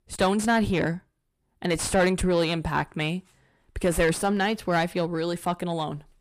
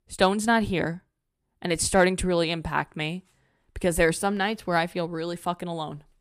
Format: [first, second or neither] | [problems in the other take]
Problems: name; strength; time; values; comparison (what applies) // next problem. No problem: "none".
second | distortion; slight; 10 dB below the speech